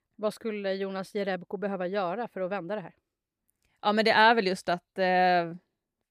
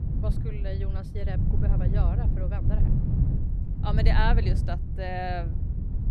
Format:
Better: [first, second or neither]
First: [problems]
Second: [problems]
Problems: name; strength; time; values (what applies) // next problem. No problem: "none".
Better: first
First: none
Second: wind noise on the microphone; heavy; 6 dB below the speech